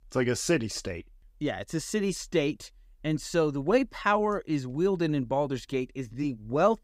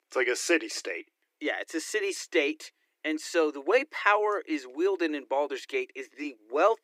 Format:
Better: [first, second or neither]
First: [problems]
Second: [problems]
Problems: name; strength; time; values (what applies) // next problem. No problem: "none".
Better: first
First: none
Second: thin; somewhat; fading below 300 Hz